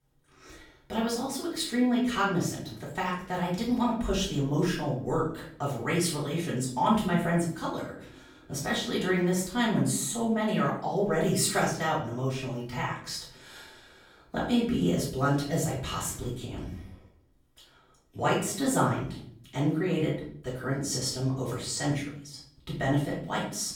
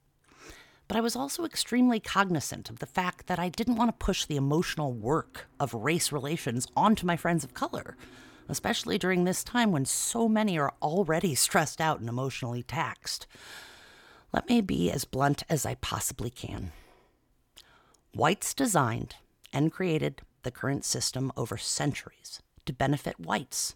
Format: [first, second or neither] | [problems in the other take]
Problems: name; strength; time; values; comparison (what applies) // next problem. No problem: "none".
second | off-mic speech; far // room echo; noticeable; dies away in 0.5 s